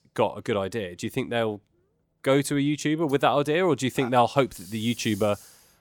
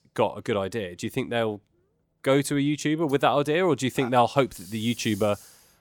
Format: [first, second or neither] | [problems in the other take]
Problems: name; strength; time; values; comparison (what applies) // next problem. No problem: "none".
neither | none